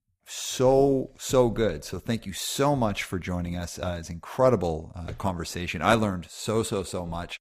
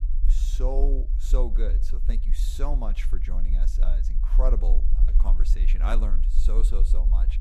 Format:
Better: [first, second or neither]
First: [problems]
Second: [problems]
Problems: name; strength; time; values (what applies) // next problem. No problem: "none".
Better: first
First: none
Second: low rumble; noticeable; throughout; 10 dB below the speech